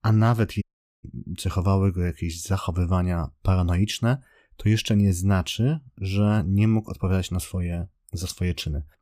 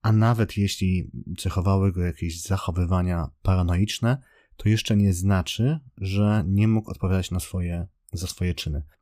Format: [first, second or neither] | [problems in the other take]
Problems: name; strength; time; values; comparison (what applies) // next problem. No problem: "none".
second | audio cutting out; at 0.5 s